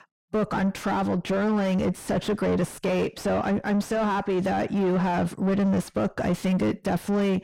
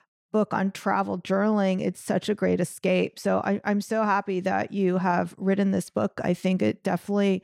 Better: second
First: distortion; heavy; 6 dB below the speech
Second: none

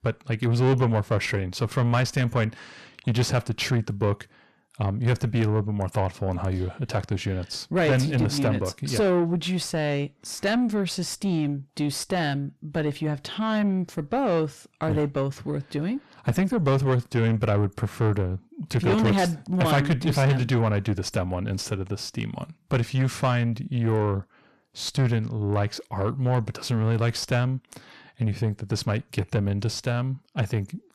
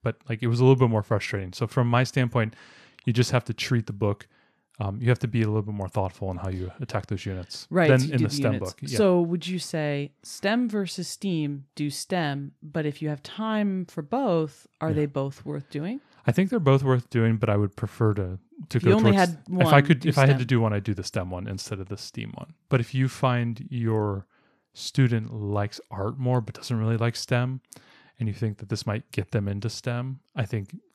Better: second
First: distortion; heavy; 7 dB below the speech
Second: none

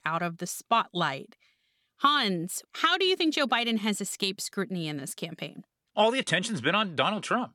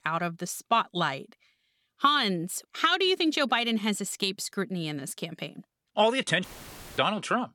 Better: first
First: none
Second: audio cutting out; filled with static; at 6.5 s for 0.5 s

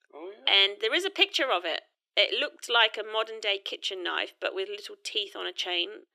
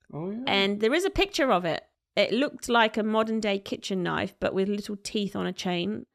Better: second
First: thin; very; fading below 350 Hz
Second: none

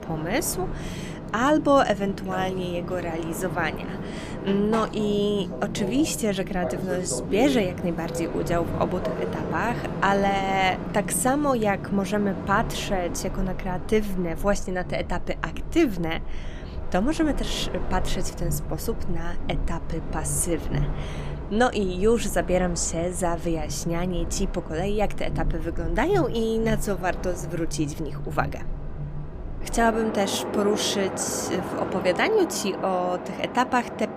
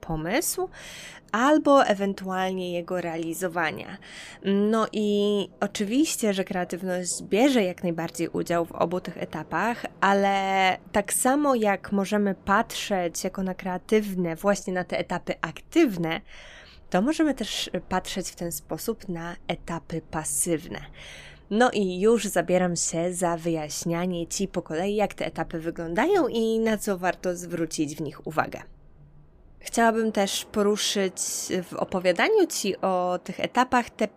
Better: second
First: train or aircraft noise; loud; throughout; 7 dB below the speech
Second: train or aircraft noise; faint; throughout; 25 dB below the speech

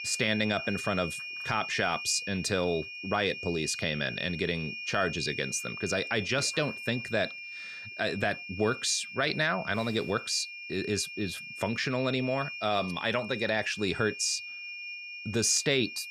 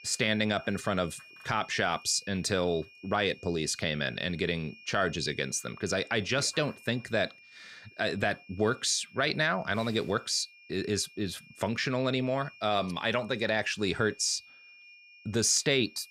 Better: second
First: high-pitched whine; loud; throughout; 2.5 kHz, 8 dB below the speech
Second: high-pitched whine; faint; throughout; 2.5 kHz, 20 dB below the speech

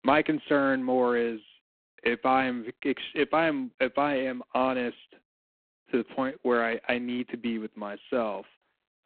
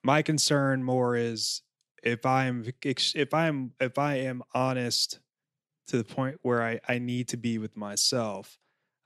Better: second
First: phone-call audio; poor line; nothing above 4 kHz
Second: none

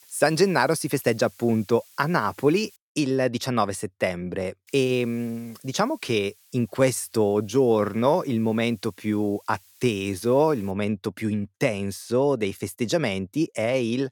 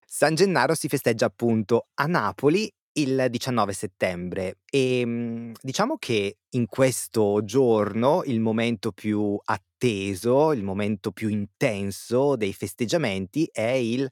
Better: second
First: hiss; faint; until 3 s and from 4.5 to 11 s; 25 dB below the speech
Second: none

